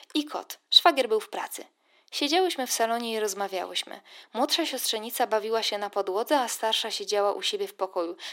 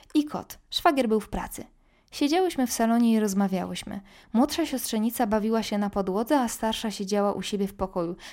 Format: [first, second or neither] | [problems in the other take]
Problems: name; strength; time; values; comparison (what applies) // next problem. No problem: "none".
second | thin; somewhat; fading below 350 Hz